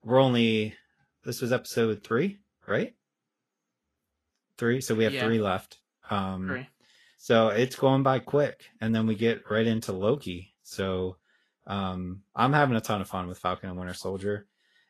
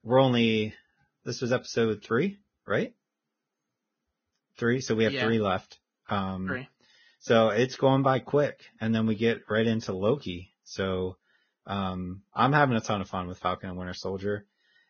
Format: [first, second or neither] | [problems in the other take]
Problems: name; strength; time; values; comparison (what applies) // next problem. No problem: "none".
first | garbled, watery; badly; nothing above 6.5 kHz; slightly in the first